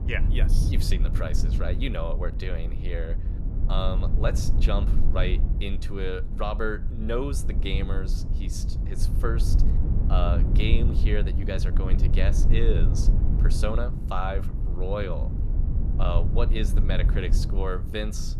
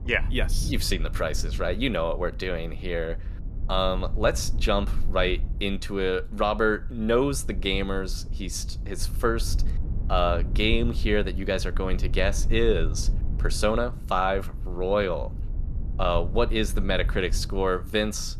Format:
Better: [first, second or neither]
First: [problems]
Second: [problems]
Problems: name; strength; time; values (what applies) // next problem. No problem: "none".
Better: second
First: low rumble; loud; throughout; 8 dB below the speech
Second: low rumble; faint; throughout; 20 dB below the speech